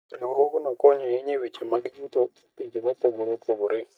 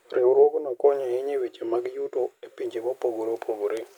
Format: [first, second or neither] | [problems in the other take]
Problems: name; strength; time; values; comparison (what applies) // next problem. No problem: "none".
second | noise reduction (neural mask model DeepFilterNet 3)